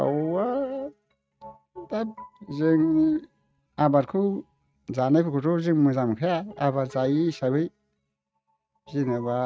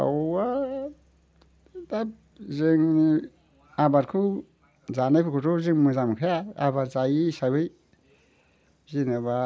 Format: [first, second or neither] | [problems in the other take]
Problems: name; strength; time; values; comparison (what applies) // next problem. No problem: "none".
second | noise reduction (neural mask model RNNoise)